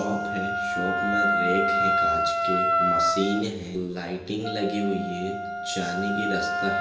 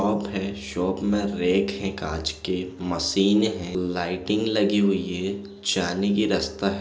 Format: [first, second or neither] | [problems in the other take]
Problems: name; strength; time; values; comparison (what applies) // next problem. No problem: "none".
second | background sound (Wind instrument, woodwind instrument); 3 dB above the speech // room echo; dies away in 1.1 s